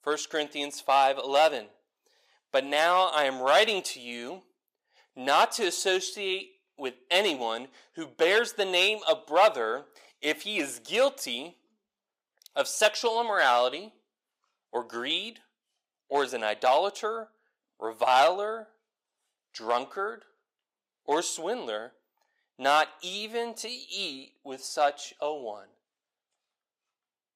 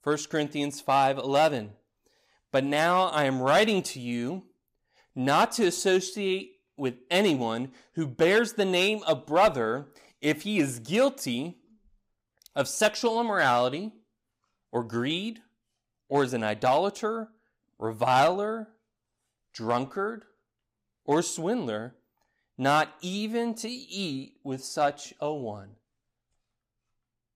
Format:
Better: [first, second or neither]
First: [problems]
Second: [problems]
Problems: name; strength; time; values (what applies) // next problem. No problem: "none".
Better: second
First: thin; somewhat; fading below 550 Hz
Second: none